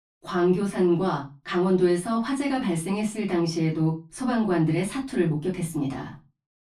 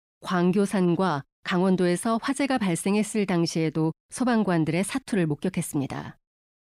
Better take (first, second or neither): second